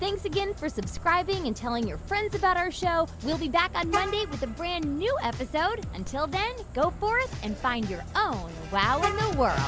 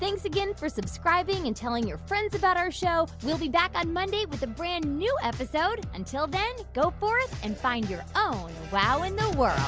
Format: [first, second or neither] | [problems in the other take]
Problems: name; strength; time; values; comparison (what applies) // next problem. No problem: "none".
second | background sound (Vehicle horn, car horn, honking); 11 dB below the speech